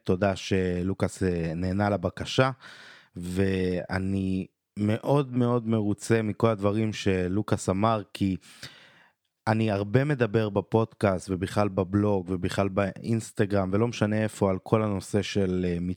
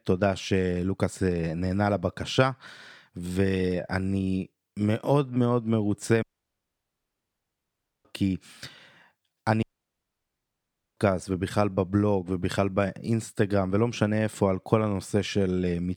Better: first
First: none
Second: audio cutting out; at 6 s for 2 s and at 9.5 s for 1.5 s

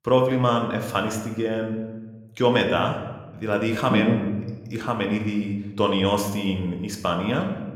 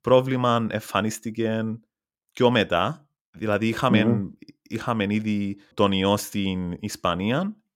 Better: second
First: room echo; slight; dies away in 0.9 s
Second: none

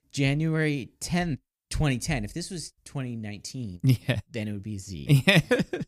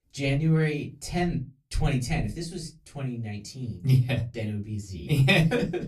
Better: first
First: none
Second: off-mic speech; far // room echo; very slight; dies away in 0.2 s

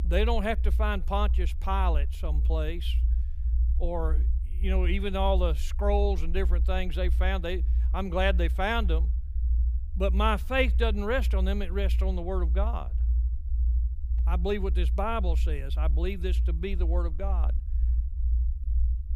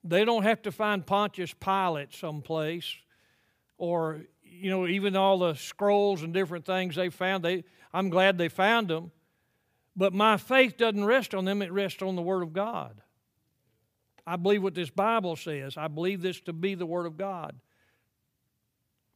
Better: second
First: low rumble; noticeable; throughout; 20 dB below the speech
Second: none

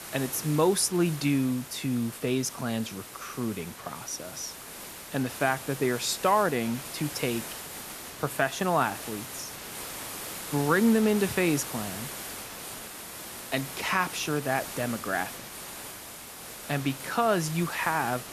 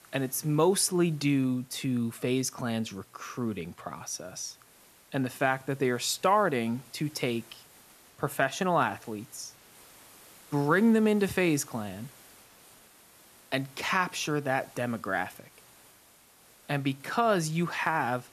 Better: second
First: hiss; loud; throughout; 10 dB below the speech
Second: hiss; faint; throughout; 25 dB below the speech

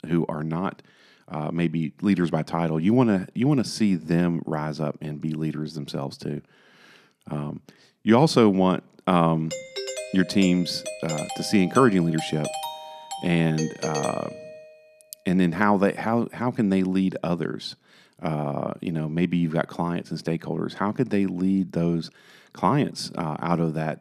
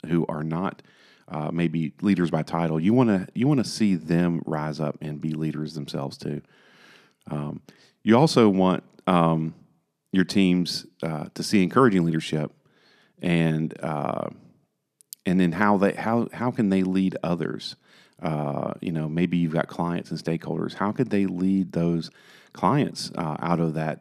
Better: second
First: doorbell; noticeable; from 9.5 to 15 s; peak 6 dB below the speech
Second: none

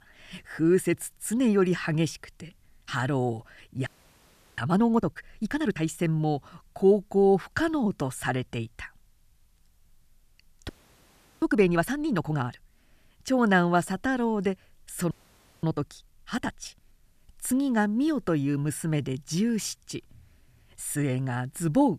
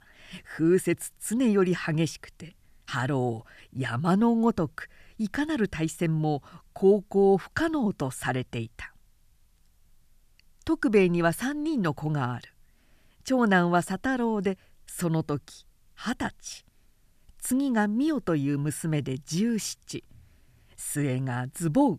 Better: second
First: audio freezing; at 4 s for 0.5 s, at 11 s for 0.5 s and at 15 s for 0.5 s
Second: none

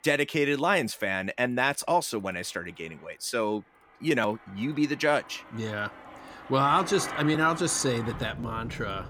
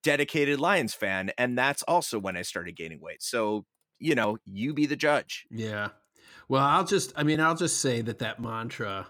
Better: second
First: train or aircraft noise; noticeable; throughout; 15 dB below the speech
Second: none

